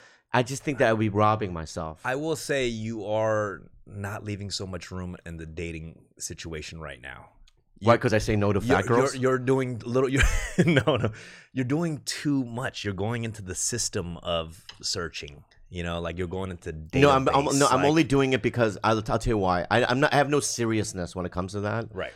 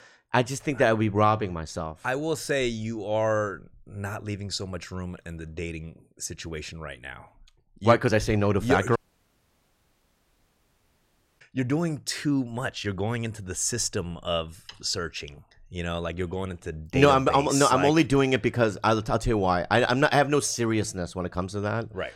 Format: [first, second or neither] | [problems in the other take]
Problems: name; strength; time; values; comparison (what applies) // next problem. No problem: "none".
first | audio cutting out; at 9 s for 2.5 s